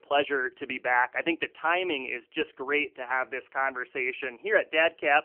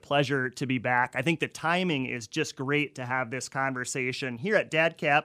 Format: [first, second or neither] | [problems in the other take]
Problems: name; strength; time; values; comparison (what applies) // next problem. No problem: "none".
second | phone-call audio; nothing above 3 kHz